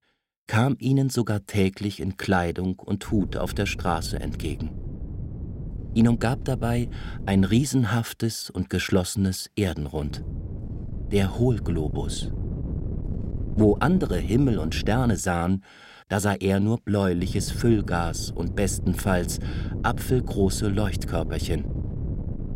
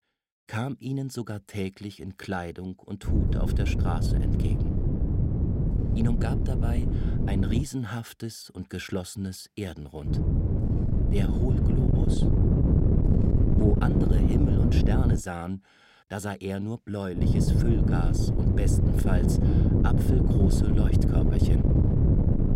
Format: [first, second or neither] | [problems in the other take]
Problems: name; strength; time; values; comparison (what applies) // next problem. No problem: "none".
first | wind noise on the microphone; heavy; from 3 to 7.5 s, from 10 to 15 s and from 17 s on; 3 dB above the speech; occasional gusts in the first